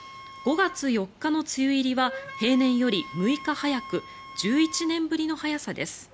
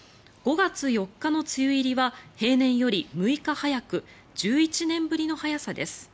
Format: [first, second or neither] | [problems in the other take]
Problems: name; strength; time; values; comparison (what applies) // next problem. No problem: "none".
second | background sound (Wind instrument, woodwind instrument); 17 dB below the speech